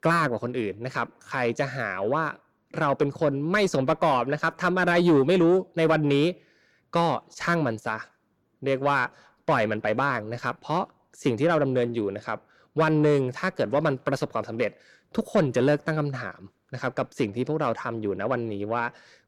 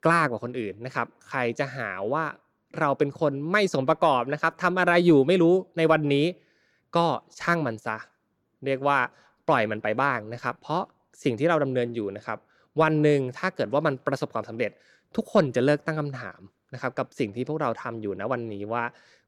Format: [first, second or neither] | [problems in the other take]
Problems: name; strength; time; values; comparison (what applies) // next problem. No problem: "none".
second | distortion; slight; 10 dB below the speech